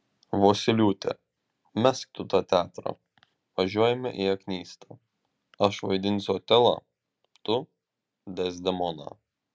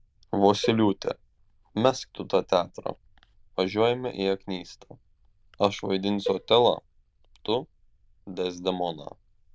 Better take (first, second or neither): first